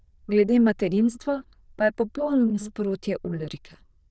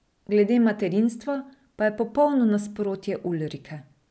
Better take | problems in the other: second | noise reduction (neural diffusion model UNIVERSE++)

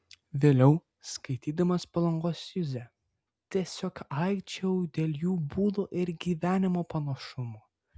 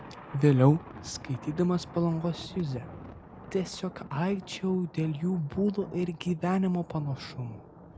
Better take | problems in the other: first | background sound (Thunder); 16 dB below the speech

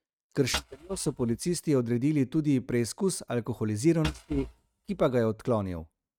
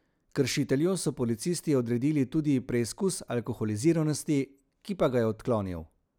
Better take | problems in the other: second | noise reduction (neural mask model RNNoise)

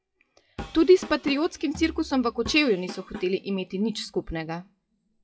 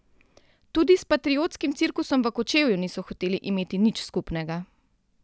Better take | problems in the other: second | noise reduction (classical method WPE with log-MMSE)

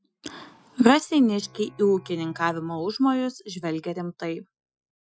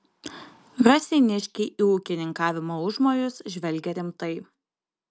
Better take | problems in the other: second | noise reduction (classical method Wiener filter)

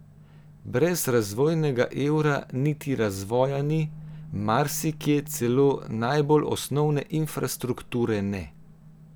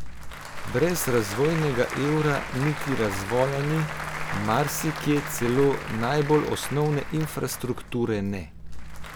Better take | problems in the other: first | background sound (Applause / Crowd); 7 dB below the speech

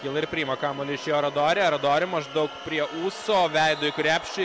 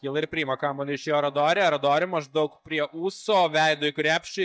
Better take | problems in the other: first | noise reduction (neural mask model DeepFilterNet 3)

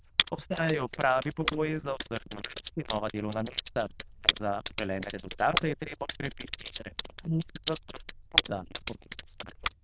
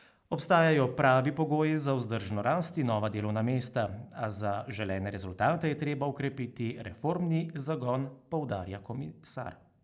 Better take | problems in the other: second | noise reduction (neural diffusion model UNIVERSE++)

